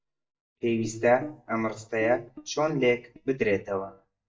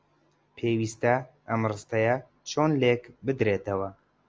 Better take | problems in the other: second | noise reduction (neural mask model DeepFilterNet 3)

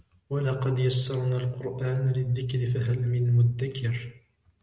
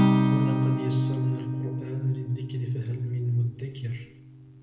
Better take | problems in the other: first | background sound (Acoustic guitar); 3 dB above the speech // room echo; dies away in 0.7 s

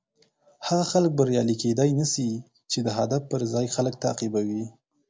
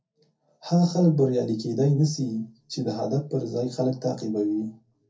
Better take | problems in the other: first | room echo; dies away in 0.3 s

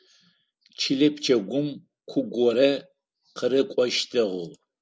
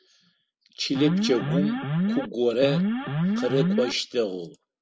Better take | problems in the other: first | background sound (Alarm); 2 dB above the speech

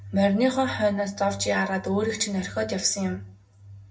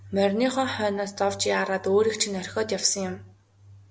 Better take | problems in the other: second | room echo; dies away in 0.4 s

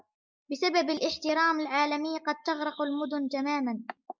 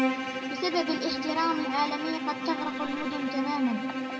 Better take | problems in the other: first | background sound (Bowed string instrument); 1 dB below the speech // room echo; dies away in 1.6 s

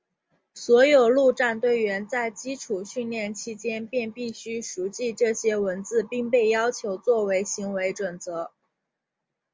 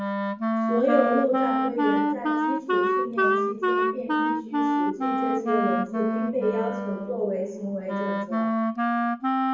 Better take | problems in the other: first | background sound (Wind instrument, woodwind instrument); 4 dB above the speech // room echo; dies away in 1.2 s

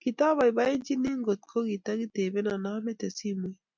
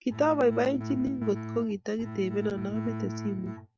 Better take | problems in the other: first | noise reduction (neural mask model RNNoise)

